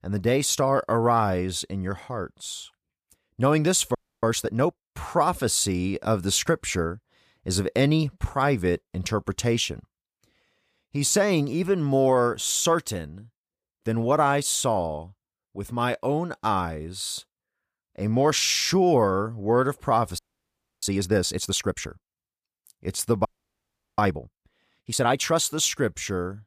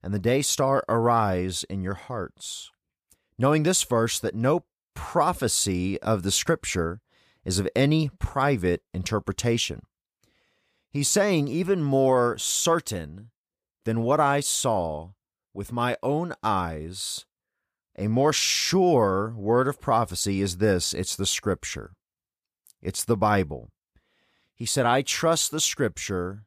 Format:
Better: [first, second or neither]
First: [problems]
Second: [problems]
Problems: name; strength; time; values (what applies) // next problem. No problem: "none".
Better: second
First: audio freezing; at 4 s, at 20 s for 0.5 s and at 23 s for 0.5 s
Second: none